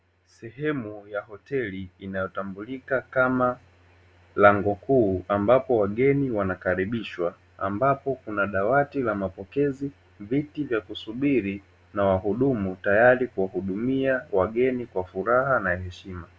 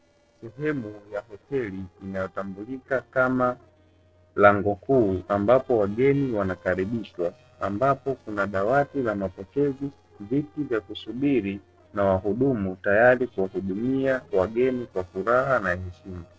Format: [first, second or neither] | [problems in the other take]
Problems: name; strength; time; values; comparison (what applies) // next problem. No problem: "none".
first | noise reduction (neural separator model SepFormer DNS4)